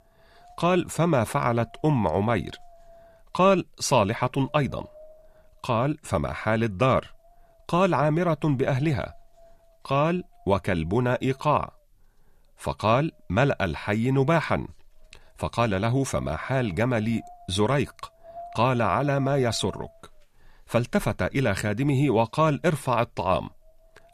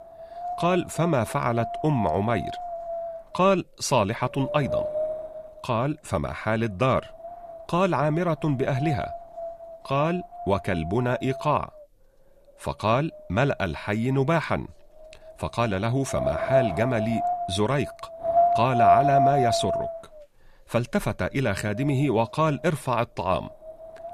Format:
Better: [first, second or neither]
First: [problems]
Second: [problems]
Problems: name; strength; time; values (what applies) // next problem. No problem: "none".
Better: first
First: wind noise on the microphone; occasional gusts; 20 dB below the speech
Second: wind noise on the microphone; heavy; as loud as the speech